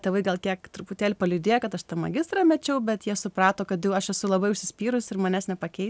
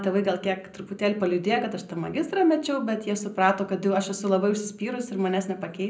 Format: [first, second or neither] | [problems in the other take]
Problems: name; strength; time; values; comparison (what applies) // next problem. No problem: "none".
first | room echo; dies away in 0.4 s